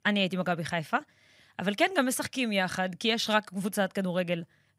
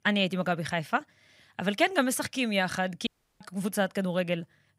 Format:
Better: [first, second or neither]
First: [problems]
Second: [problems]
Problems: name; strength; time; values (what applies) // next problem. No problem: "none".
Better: first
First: none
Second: audio cutting out; at 3 s